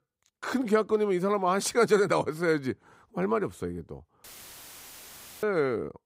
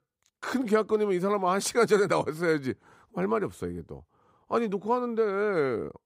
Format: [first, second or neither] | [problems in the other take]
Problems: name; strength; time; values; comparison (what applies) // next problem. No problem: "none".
second | audio cutting out; filled with static; at 4 s for 1 s